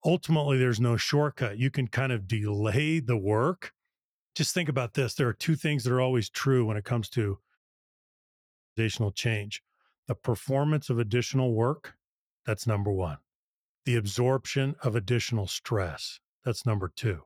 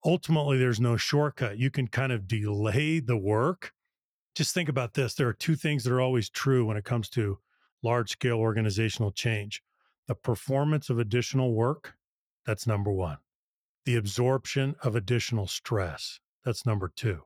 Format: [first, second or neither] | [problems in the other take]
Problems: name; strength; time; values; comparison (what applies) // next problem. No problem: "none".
second | audio cutting out; at 7.5 s for 1 s